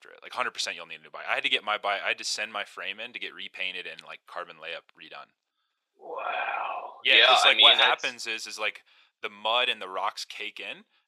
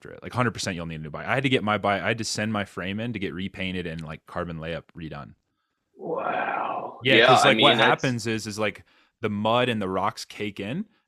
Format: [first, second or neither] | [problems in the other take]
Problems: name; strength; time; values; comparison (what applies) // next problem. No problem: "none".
second | thin; very; fading below 750 Hz